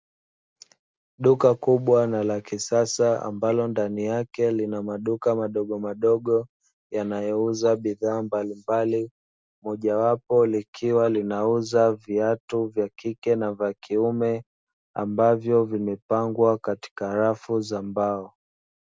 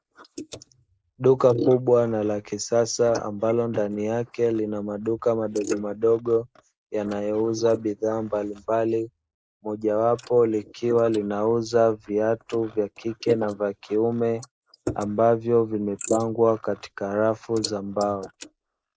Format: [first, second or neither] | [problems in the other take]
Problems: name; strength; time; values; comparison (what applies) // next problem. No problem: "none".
first | noise reduction (neural mask model Resemble Enhance denoiser)